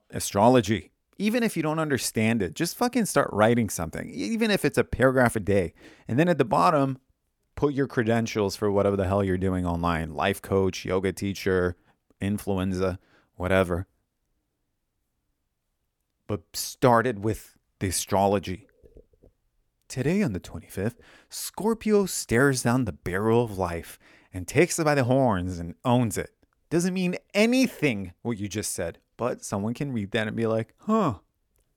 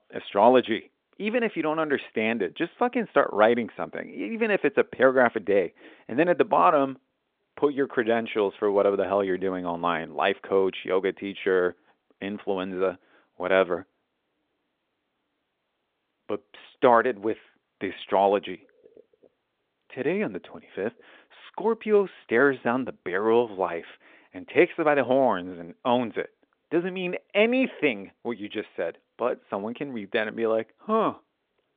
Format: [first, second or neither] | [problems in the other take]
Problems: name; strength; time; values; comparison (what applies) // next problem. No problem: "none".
first | phone-call audio